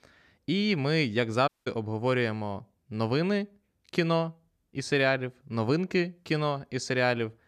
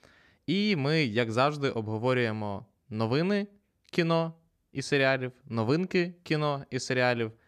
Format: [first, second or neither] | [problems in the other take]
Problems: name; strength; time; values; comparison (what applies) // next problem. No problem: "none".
second | audio cutting out; at 1.5 s